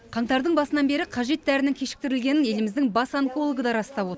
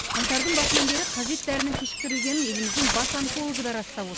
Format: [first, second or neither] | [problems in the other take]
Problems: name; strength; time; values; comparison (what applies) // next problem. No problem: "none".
first | background sound (Bird + Door); 2 dB above the speech